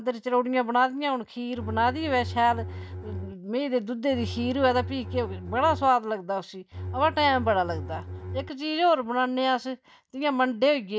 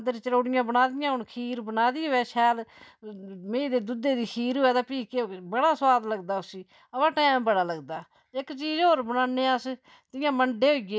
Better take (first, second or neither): second